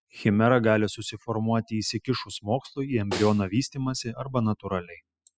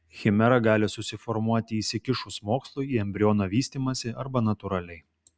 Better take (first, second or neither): second